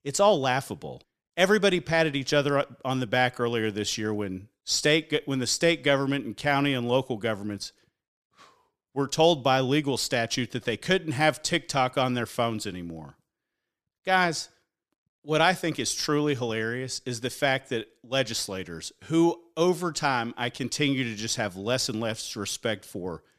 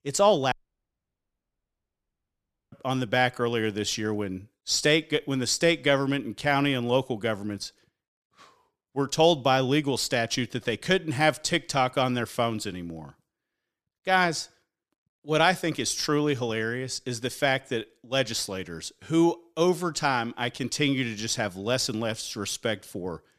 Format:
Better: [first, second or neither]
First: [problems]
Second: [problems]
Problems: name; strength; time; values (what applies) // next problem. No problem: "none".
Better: first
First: none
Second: audio cutting out; at 0.5 s for 2 s